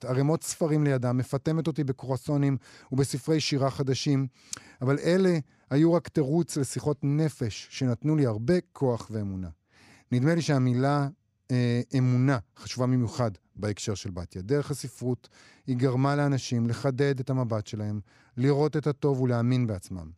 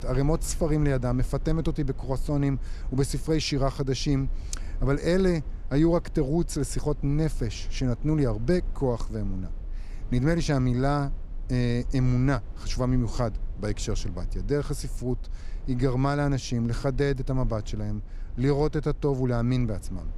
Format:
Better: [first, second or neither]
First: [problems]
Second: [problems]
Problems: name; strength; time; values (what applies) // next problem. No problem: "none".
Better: first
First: none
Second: low rumble; faint; throughout; 25 dB below the speech